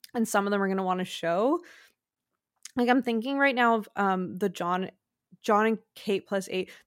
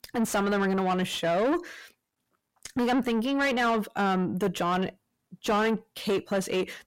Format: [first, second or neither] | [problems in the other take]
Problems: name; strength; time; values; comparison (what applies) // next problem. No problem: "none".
first | distortion; heavy; 6 dB below the speech